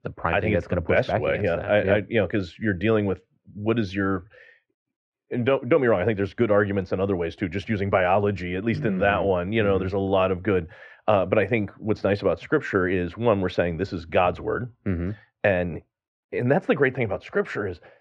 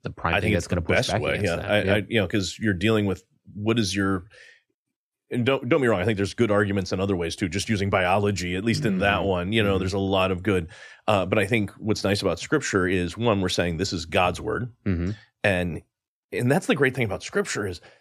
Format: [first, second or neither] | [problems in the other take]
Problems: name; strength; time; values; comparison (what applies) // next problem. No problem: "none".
second | muffled; very; fading above 2 kHz